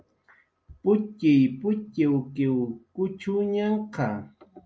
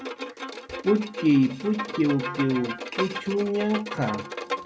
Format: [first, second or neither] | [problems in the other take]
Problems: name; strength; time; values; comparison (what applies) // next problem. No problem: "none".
first | background sound (Bowed string instrument); 8 dB below the speech